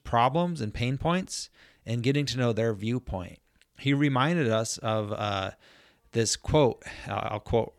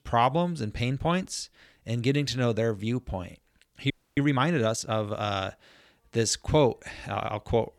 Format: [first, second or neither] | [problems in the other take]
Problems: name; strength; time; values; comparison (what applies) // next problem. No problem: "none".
first | audio freezing; at 4 s